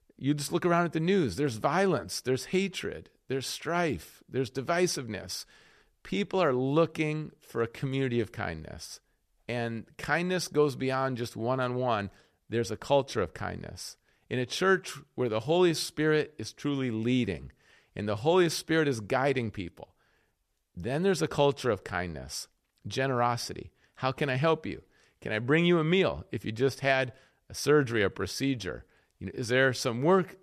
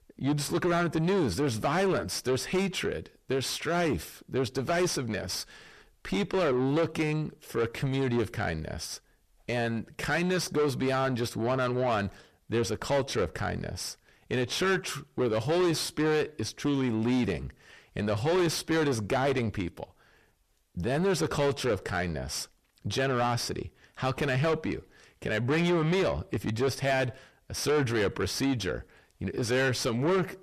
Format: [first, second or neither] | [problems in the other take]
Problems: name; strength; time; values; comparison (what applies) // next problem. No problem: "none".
first | distortion; heavy; 6 dB below the speech